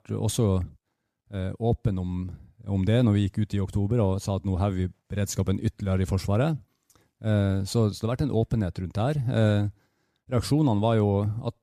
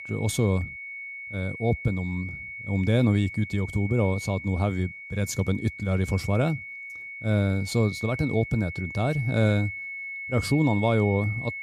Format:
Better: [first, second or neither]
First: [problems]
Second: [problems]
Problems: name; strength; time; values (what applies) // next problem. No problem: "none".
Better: first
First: none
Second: high-pitched whine; loud; throughout; 2 kHz, 9 dB below the speech